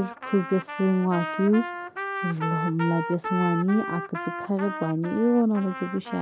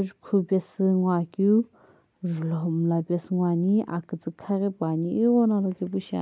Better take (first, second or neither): second